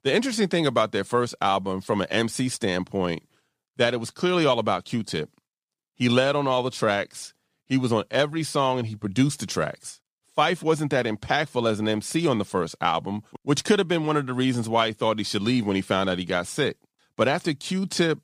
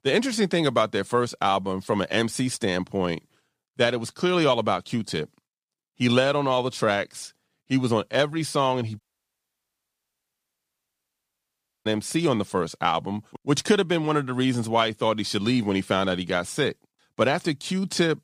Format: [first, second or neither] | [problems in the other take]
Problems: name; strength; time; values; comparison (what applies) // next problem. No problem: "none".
first | audio cutting out; at 9 s for 3 s